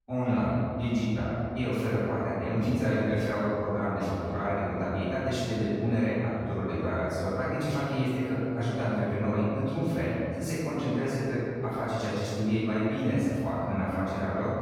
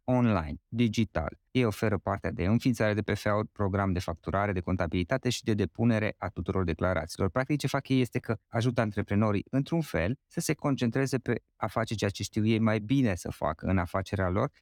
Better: second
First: off-mic speech; far // room echo; strong; dies away in 2.2 s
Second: none

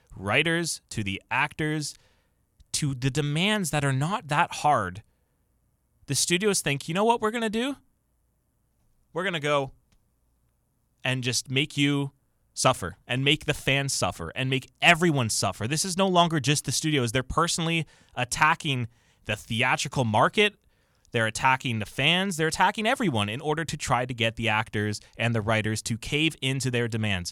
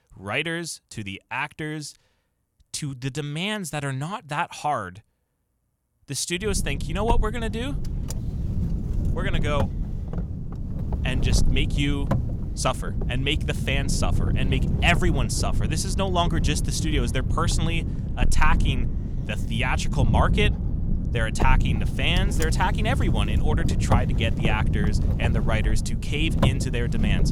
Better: first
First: none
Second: wind noise on the microphone; heavy; from 6.5 s on; 9 dB below the speech

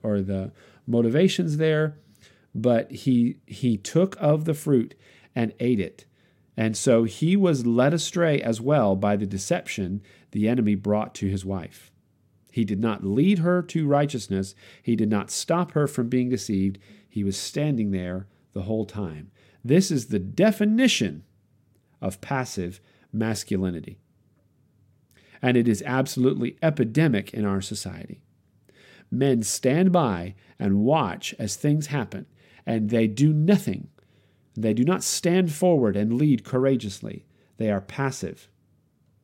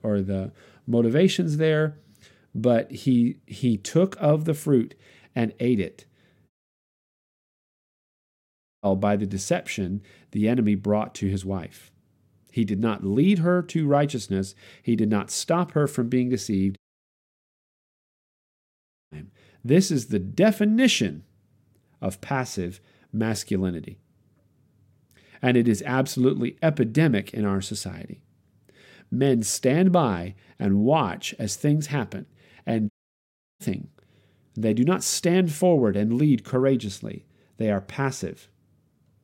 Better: first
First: none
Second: audio cutting out; at 6.5 s for 2.5 s, at 17 s for 2.5 s and at 33 s for 0.5 s

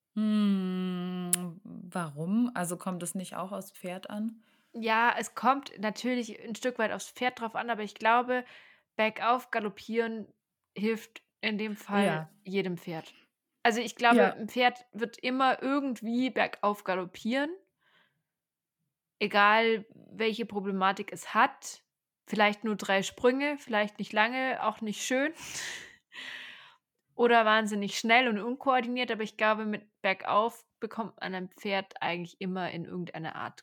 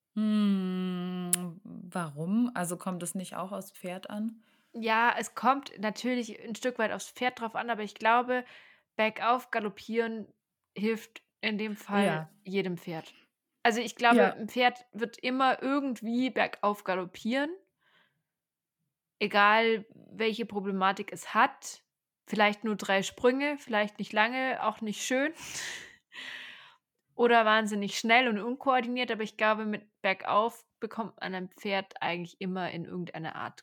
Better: neither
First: none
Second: none

